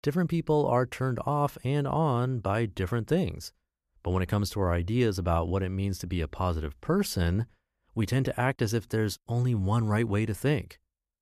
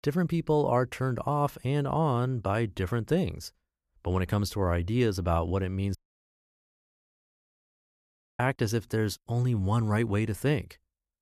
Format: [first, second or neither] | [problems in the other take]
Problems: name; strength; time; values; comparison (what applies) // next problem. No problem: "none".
first | audio cutting out; at 6 s for 2.5 s